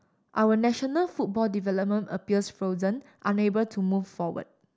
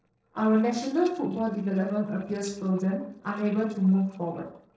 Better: first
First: none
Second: noise reduction (neural separator model SepFormer DNS4)

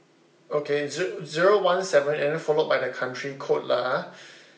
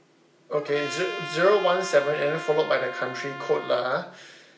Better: first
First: none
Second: background sound (Trumpet); 11 dB below the speech

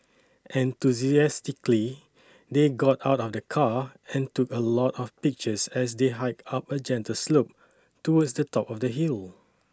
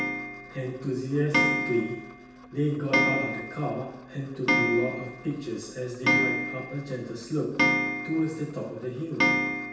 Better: first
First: none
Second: background sound (Clock); 2 dB above the speech // room echo; dies away in 0.9 s

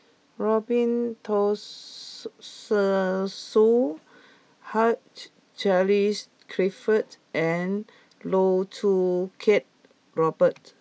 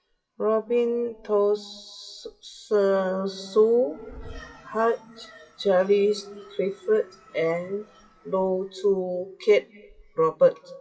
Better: first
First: none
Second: noise reduction (classical method WPE with log-MMSE)

